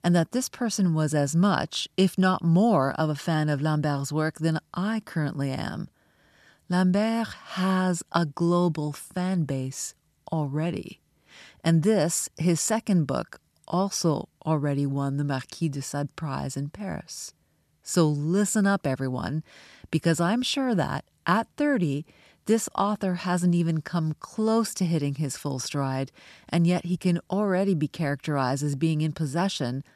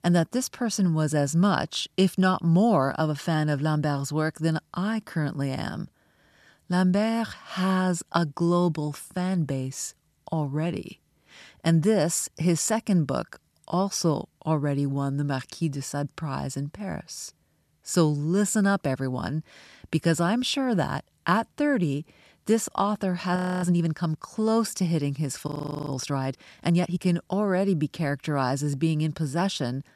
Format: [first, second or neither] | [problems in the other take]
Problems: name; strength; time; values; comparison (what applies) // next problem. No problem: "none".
first | audio freezing; at 23 s and at 25 s